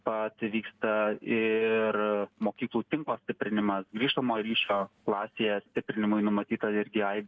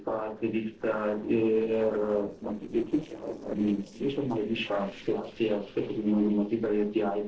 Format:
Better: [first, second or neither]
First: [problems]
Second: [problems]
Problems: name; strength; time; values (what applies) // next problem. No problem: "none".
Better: first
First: none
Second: noise reduction (neural separator model SepFormer DNS4)